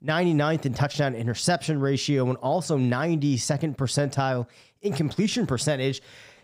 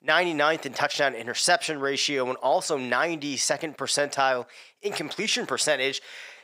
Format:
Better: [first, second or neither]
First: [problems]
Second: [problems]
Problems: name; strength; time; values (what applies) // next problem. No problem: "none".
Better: first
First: none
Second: thin; very; fading below 550 Hz